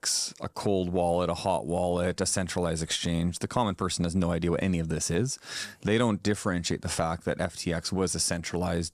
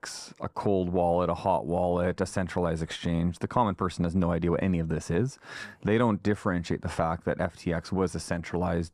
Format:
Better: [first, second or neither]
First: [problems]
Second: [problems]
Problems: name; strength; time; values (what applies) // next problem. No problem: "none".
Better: first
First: none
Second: muffled; slightly; fading above 3 kHz